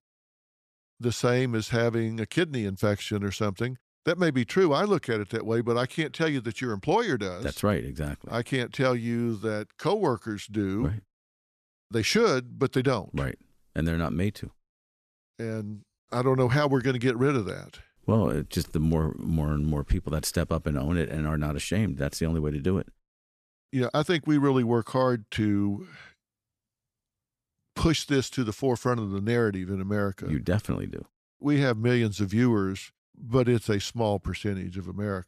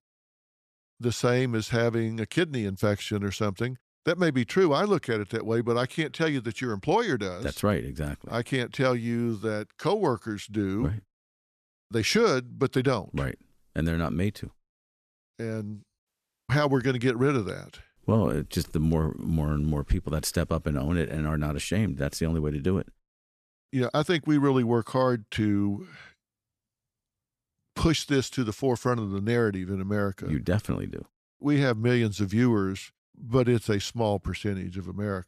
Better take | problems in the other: first | audio cutting out; at 16 s

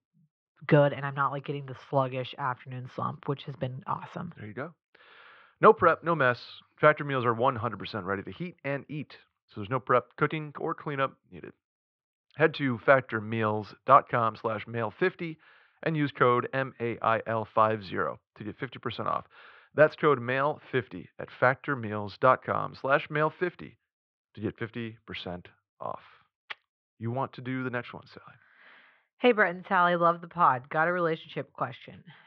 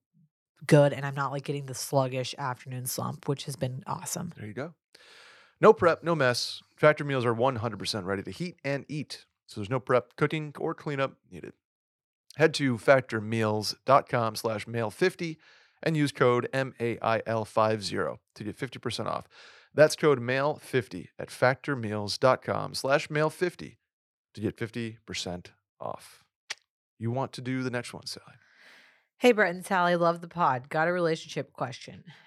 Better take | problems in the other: second | muffled; very; fading above 3.5 kHz

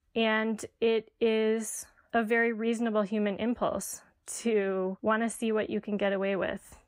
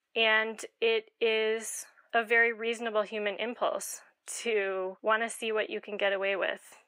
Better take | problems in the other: first | thin; somewhat; fading below 500 Hz

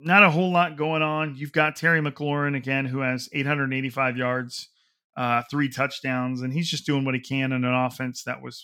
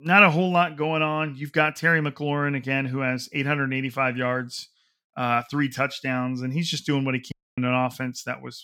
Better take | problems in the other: first | audio cutting out; at 7.5 s

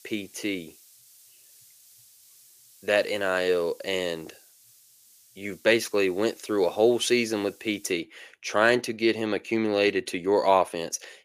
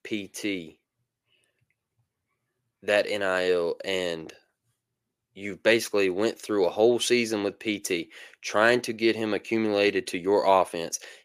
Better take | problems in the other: second | hiss; faint; until 8 s; 25 dB below the speech

